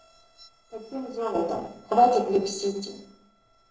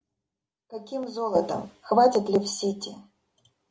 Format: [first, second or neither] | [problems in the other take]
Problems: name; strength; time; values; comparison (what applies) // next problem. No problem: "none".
second | noise reduction (neural separator model SepFormer DNS4)